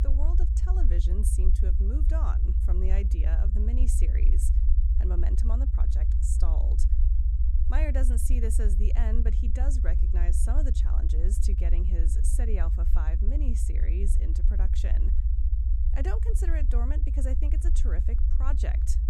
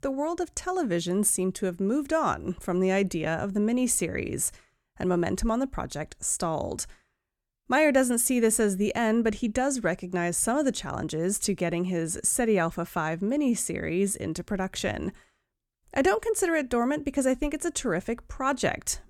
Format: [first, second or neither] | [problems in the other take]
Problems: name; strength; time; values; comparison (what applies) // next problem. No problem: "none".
second | low rumble; loud; throughout; 4 dB below the speech